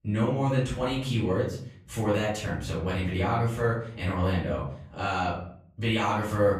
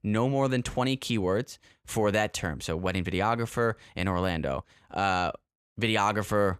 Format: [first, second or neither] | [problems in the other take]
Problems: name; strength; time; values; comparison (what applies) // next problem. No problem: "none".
second | room echo; noticeable; dies away in 0.7 s // off-mic speech; far